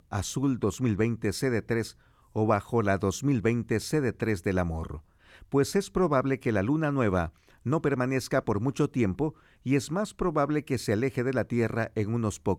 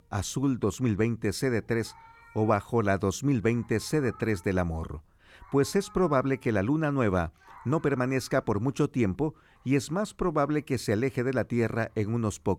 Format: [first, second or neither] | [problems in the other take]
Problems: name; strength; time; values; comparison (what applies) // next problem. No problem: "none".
first | animal sounds; faint; throughout; 25 dB below the speech